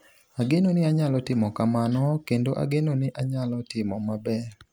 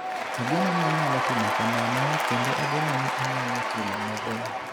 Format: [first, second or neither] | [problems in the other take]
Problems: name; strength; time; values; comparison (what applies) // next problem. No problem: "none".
first | background sound (Applause / Crowd / Cheering); 4 dB above the speech